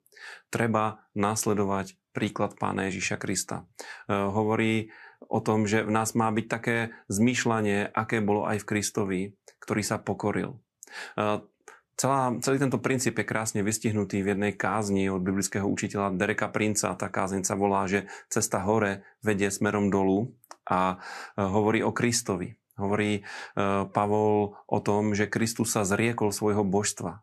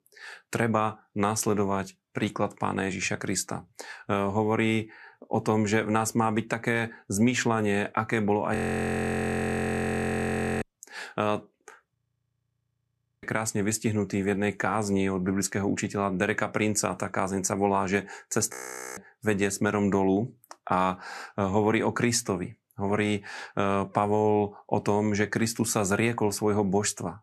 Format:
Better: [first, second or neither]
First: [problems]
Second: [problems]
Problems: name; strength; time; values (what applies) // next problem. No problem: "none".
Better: first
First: none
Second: audio freezing; at 8.5 s for 2 s, at 12 s for 1.5 s and at 19 s